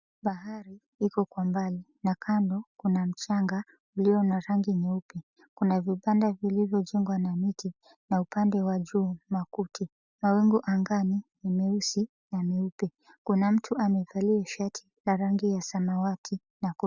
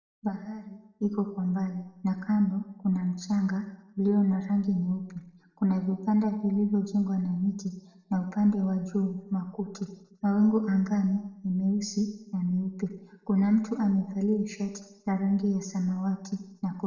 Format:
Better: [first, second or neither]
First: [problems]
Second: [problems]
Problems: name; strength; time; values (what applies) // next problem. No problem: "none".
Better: first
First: none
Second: room echo; dies away in 0.7 s